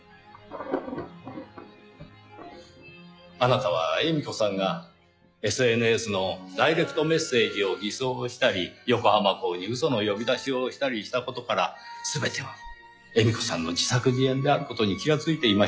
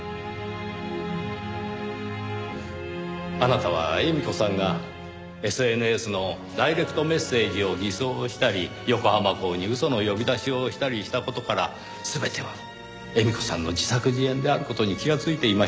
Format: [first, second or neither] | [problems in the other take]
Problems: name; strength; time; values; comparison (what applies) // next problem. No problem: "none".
second | noise reduction (classical method log-MMSE)